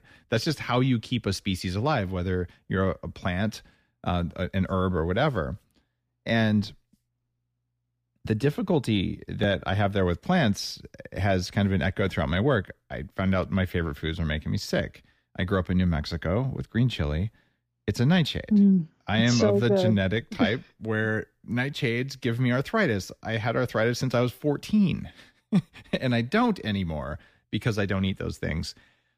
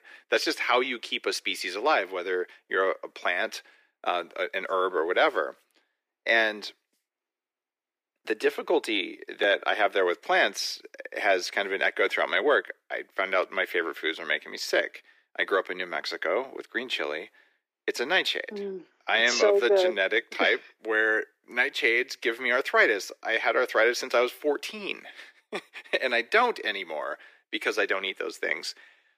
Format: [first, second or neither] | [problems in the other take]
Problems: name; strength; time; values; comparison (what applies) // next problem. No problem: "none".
first | thin; very; fading below 350 Hz